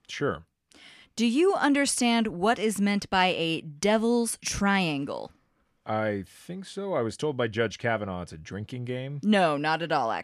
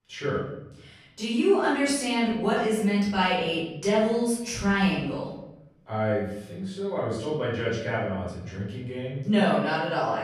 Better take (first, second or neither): first